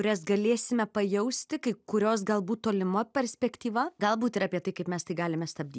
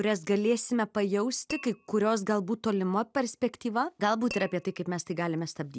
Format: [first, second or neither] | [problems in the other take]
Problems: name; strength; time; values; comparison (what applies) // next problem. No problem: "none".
first | background sound (Tap / Glass); 18 dB below the speech